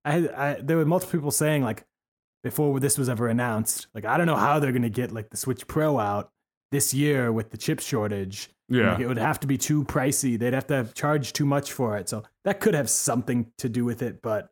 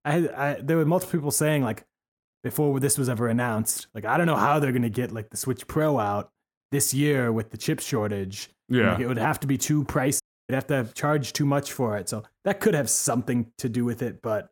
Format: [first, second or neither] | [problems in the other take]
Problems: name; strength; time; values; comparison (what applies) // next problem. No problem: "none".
first | audio cutting out; at 10 s